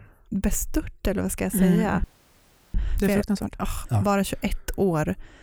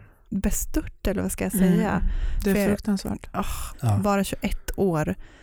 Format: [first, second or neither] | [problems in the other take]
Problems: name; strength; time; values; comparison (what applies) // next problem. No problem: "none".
second | audio freezing; at 2 s for 0.5 s